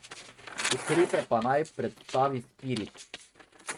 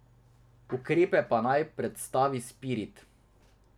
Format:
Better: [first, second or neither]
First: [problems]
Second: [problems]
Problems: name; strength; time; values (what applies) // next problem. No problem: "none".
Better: second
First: noise reduction (neural mask model RNNoise)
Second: none